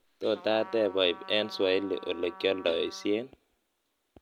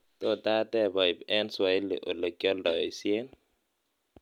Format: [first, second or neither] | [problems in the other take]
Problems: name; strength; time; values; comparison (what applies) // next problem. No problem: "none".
second | background sound (Trumpet); 19 dB below the speech